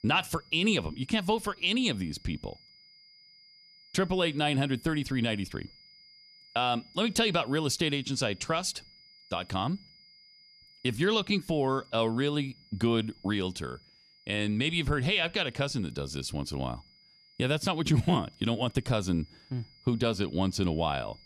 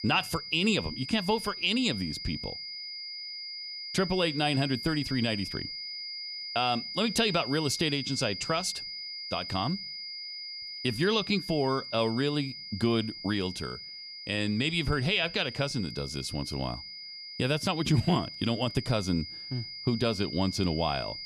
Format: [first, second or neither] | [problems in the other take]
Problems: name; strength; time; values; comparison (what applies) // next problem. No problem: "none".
first | high-pitched whine; loud; throughout; 5 kHz, 8 dB below the speech; faint in the first